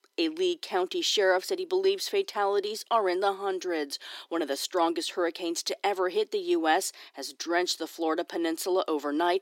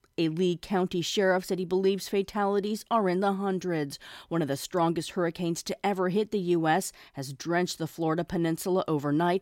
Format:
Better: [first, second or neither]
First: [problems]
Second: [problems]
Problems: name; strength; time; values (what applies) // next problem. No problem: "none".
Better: second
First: thin; very; fading below 300 Hz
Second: none